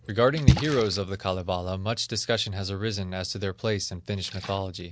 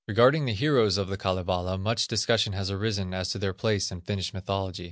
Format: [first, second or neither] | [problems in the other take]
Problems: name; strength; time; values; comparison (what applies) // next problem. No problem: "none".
second | background sound (Splash, splatter); 4 dB below the speech